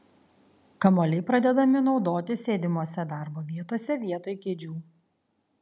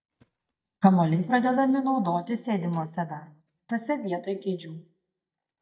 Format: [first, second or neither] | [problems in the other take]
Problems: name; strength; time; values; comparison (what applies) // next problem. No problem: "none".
first | noise reduction (neural mask model DeepFilterNet 3)